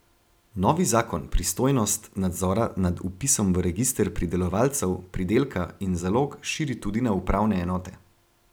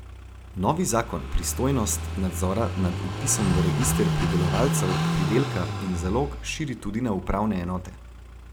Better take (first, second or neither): first